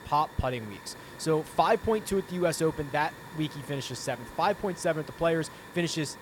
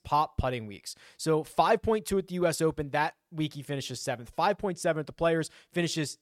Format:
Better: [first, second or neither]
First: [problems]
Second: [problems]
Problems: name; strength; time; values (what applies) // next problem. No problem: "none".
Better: second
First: hiss; noticeable; throughout; 15 dB below the speech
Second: none